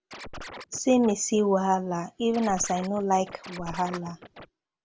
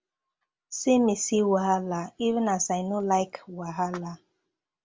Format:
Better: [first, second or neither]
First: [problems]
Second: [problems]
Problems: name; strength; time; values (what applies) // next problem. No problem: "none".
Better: second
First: background sound (Scratching (performance technique)); 15 dB below the speech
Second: none